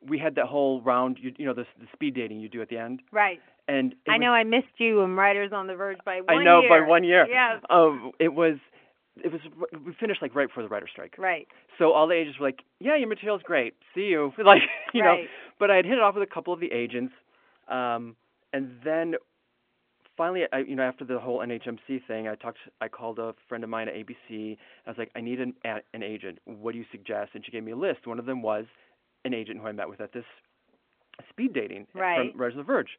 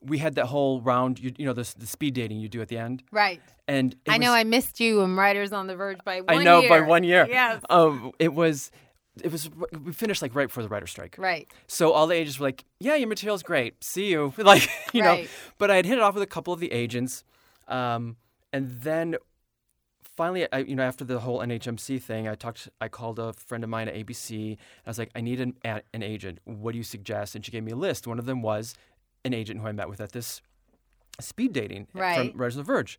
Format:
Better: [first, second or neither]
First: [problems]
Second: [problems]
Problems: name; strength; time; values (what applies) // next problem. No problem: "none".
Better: second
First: phone-call audio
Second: none